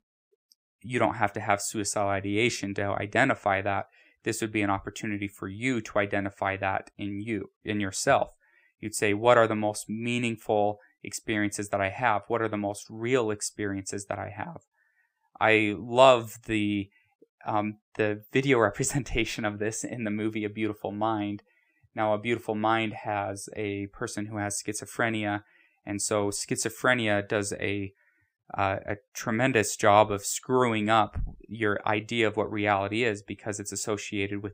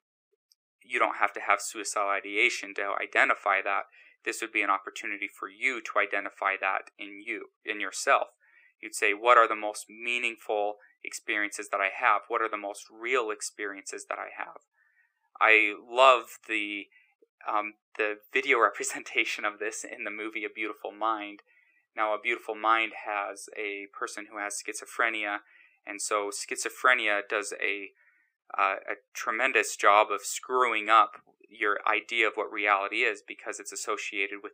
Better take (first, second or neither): first